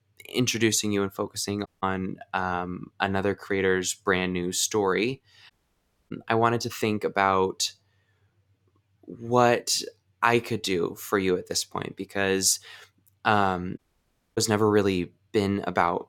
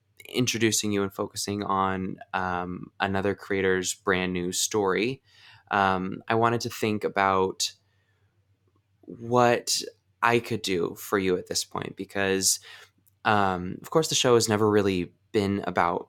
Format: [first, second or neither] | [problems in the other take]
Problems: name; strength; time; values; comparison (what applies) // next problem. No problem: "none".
second | audio cutting out; at 1.5 s, at 5.5 s for 0.5 s and at 14 s for 0.5 s